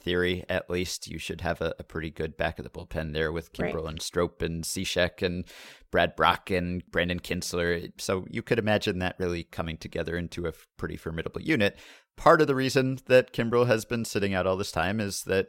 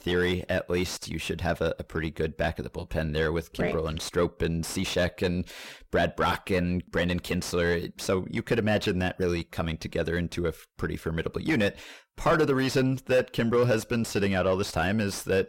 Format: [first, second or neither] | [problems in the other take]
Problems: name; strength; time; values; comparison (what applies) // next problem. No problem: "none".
first | distortion; heavy; 7 dB below the speech